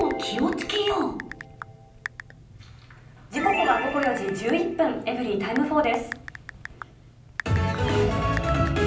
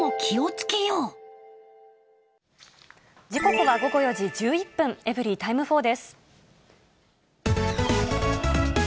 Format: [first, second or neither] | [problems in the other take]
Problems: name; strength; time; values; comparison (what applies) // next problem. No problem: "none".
second | background sound (Typing); 15 dB below the speech // room echo; dies away in 0.6 s